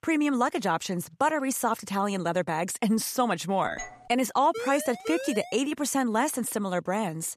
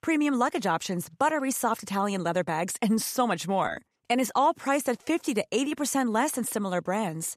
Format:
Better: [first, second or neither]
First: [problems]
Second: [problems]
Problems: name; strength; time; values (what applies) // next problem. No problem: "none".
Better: second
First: doorbell; faint; at 4 s; peak 15 dB below the speech // siren; noticeable; from 4.5 to 5.5 s; peak 8 dB below the speech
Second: none